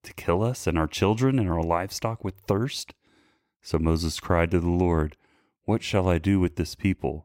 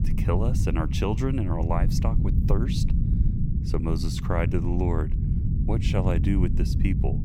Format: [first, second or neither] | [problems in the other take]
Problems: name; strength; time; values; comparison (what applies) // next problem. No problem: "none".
first | low rumble; loud; throughout; 6 dB below the speech